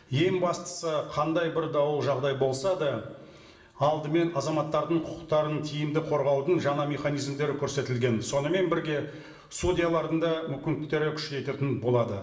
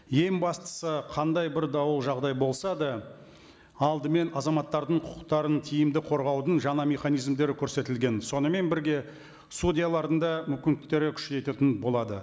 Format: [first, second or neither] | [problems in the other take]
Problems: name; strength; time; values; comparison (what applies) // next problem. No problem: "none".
second | room echo; dies away in 0.7 s